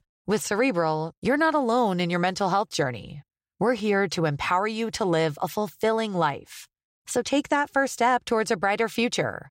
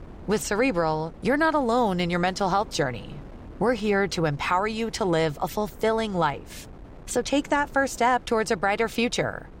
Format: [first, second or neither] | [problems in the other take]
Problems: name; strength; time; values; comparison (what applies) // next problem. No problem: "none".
first | wind noise on the microphone; occasional gusts; 25 dB below the speech